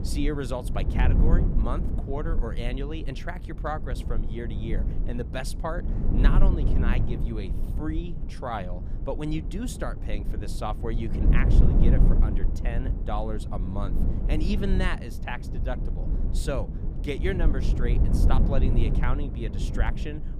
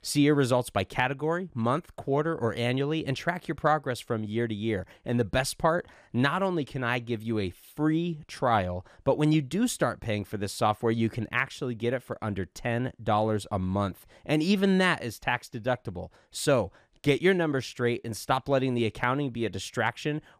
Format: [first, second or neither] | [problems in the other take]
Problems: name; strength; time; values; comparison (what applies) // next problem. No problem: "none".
second | low rumble; loud; throughout; 5 dB below the speech